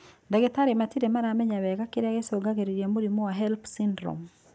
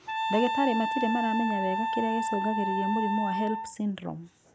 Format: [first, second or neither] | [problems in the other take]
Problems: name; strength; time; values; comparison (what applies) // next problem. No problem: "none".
first | background sound (Wind instrument, woodwind instrument); 1 dB below the speech